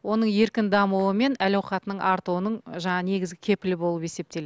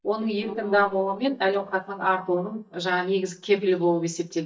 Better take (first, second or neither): first